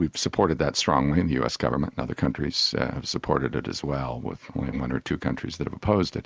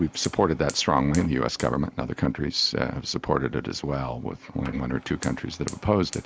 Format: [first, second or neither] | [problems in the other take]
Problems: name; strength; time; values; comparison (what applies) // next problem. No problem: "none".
first | background sound (Fire); 19 dB below the speech